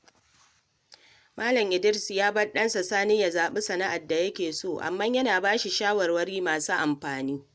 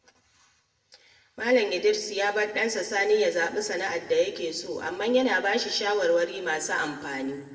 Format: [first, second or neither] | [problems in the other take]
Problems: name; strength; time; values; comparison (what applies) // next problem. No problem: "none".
first | room echo; dies away in 1.5 s